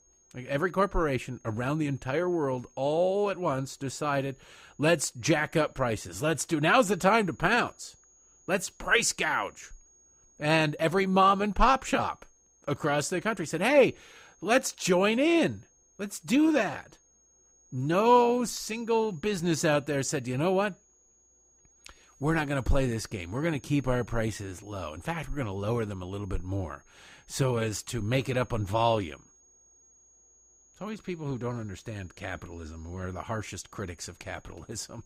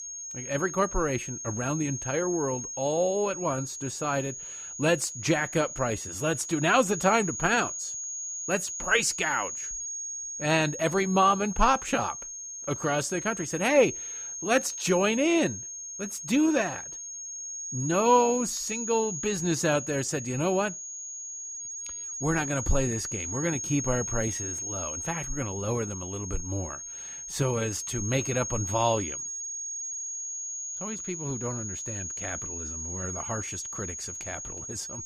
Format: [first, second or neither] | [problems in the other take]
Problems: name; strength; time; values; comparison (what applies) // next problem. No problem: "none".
first | high-pitched whine; loud; throughout; 6.5 kHz, 6 dB below the speech; faint in the first